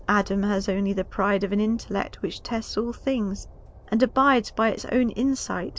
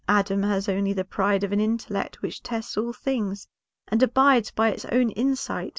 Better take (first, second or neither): second